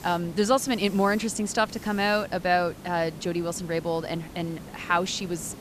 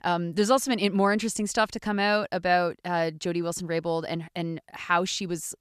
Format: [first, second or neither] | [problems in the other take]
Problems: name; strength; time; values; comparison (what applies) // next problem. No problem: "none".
second | hiss; noticeable; throughout; 15 dB below the speech